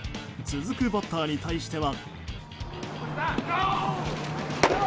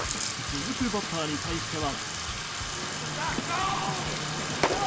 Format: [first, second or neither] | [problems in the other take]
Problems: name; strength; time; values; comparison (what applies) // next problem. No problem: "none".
first | background sound (Bathtub (filling or washing)); 2 dB below the speech